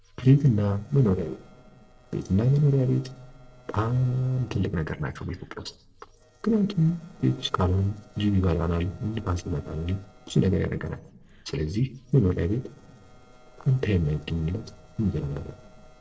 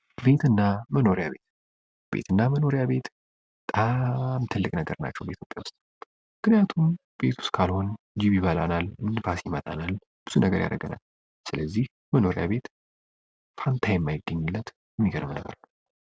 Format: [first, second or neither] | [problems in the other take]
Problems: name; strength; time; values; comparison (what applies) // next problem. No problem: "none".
second | noise reduction (neural separator model SepFormer DNS4)